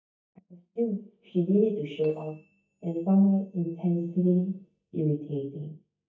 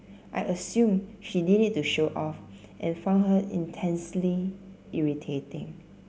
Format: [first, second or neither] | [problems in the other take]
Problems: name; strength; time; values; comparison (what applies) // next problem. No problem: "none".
second | noise reduction (neural mask model DeepFilterNet 3)